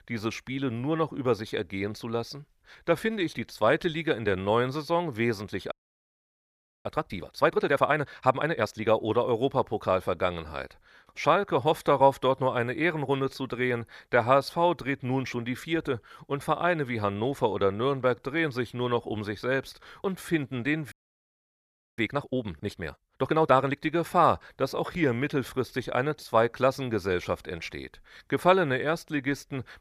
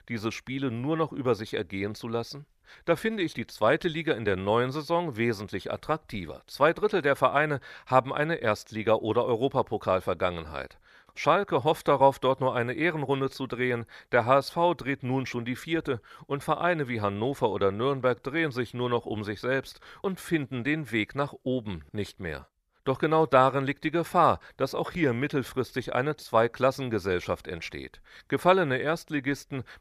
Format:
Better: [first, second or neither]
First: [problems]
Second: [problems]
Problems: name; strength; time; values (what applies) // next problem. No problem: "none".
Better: second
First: audio freezing; at 5.5 s for 1 s and at 21 s for 1 s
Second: none